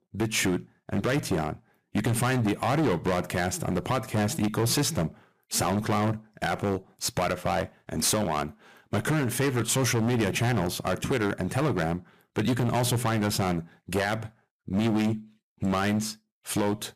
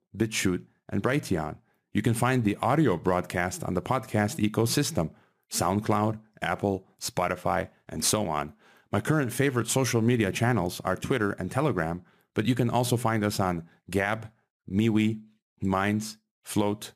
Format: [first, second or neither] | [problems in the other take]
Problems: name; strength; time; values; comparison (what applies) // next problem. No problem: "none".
second | distortion; heavy; 13% of the sound clipped